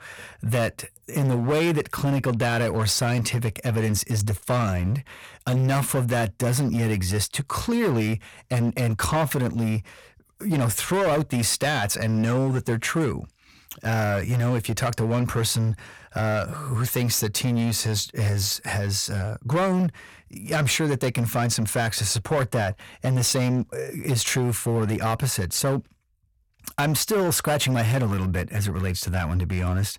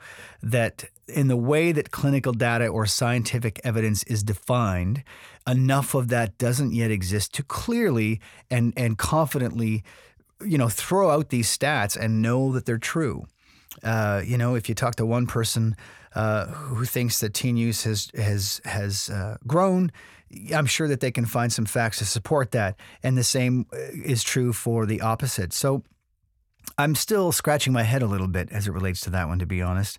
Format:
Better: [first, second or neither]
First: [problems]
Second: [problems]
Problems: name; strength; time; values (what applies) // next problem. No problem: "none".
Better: second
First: distortion; slight; 14% of the sound clipped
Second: none